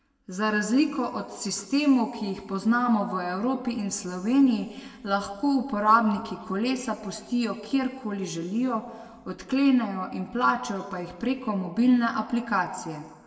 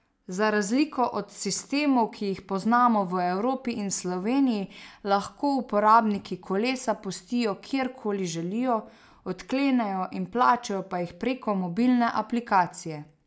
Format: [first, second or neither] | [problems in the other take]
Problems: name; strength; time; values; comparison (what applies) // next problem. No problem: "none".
second | room echo; dies away in 1.3 s